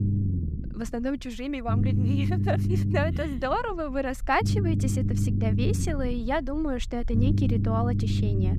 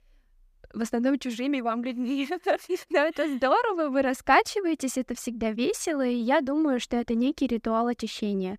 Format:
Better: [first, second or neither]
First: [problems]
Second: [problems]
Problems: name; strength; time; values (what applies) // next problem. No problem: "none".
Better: second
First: low rumble; loud; throughout; 7 dB below the speech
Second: none